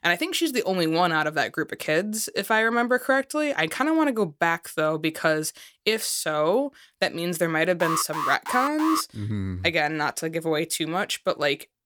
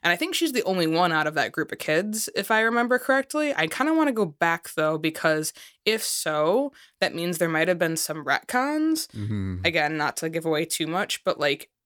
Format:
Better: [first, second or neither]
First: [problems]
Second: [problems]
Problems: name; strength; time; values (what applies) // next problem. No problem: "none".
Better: second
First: alarm; noticeable; from 8 to 9 s; peak 3 dB below the speech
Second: none